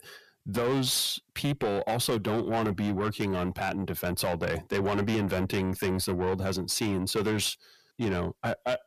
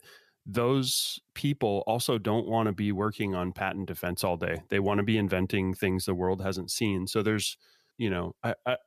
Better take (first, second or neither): second